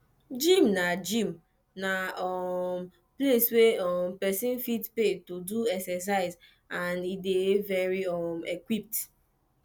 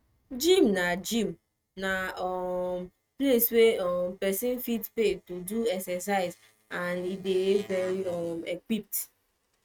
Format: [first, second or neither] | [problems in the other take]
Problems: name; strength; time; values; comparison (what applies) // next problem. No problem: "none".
first | noise reduction (neural mask model RNNoise)